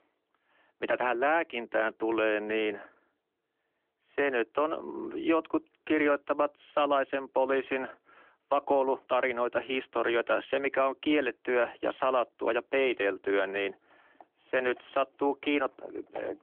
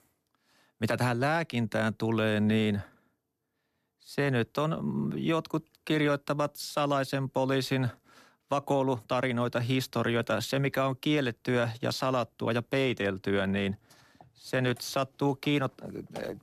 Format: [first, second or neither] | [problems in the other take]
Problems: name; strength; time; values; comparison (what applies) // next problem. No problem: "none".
second | phone-call audio; nothing above 3.5 kHz